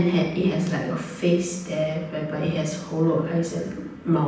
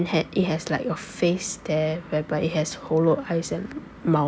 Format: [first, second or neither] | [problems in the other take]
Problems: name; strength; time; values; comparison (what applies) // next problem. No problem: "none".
second | room echo; dies away in 0.9 s